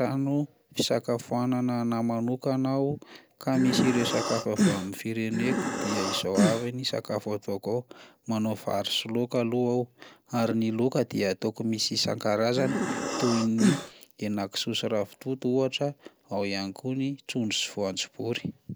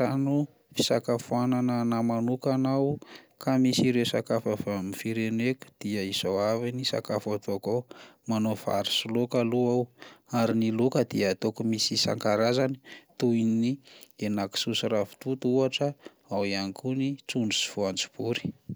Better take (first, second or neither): second